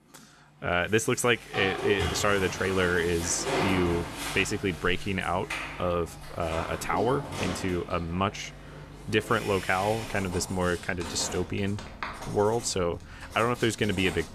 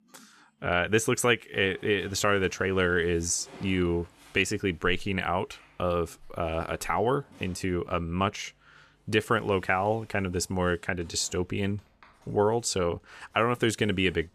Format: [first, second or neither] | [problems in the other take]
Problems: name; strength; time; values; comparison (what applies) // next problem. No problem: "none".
second | household noises; loud; throughout; 8 dB below the speech; faint in the second